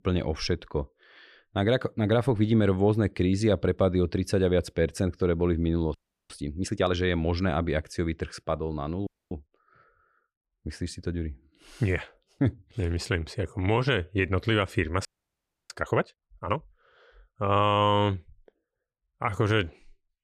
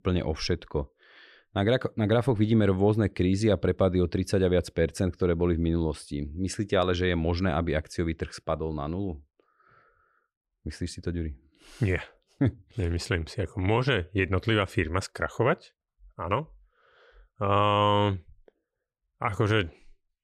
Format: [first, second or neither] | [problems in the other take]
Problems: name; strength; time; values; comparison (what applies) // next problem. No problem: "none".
second | audio freezing; at 6 s, at 9 s and at 15 s for 0.5 s